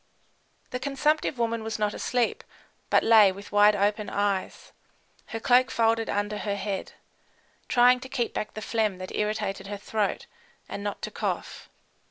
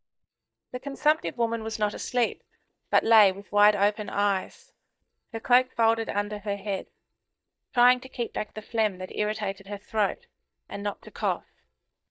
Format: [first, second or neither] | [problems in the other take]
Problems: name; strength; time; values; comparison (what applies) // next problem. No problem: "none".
first | noise reduction (neural mask model DeepFilterNet 3)